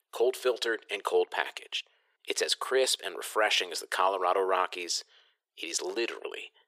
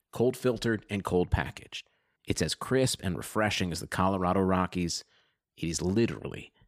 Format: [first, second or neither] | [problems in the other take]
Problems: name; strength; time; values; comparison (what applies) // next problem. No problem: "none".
second | thin; very; fading below 400 Hz